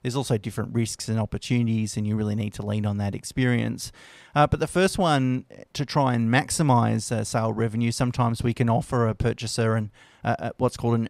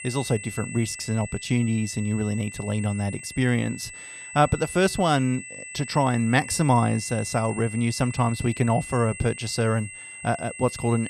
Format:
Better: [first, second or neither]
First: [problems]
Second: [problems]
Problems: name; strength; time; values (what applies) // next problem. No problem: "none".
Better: first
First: none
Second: high-pitched whine; noticeable; throughout; 8 kHz, 10 dB below the speech